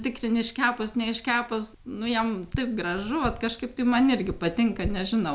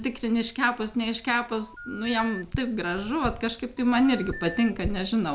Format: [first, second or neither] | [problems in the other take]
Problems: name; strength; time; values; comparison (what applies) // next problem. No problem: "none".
first | background sound (Telephone); 17 dB below the speech